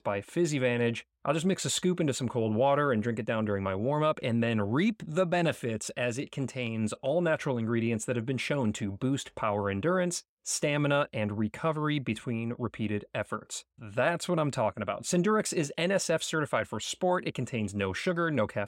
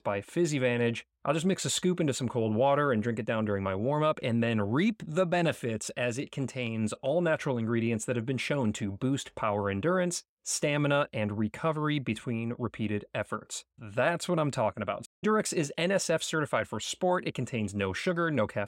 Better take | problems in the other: first | audio cutting out; at 15 s

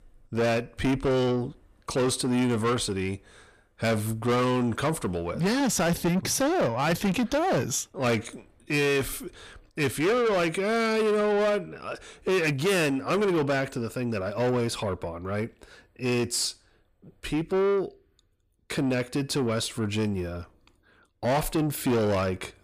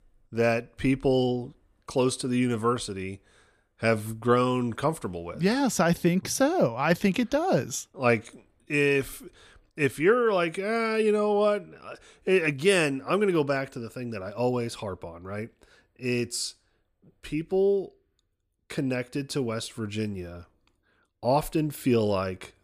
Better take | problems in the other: second | distortion; heavy; 8 dB below the speech

